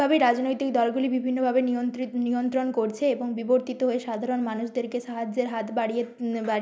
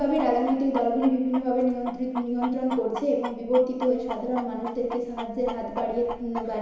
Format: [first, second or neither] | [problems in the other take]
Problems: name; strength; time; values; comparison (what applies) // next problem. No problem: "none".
first | background sound (Chicken, rooster); 12 dB below the speech // room echo; dies away in 1 s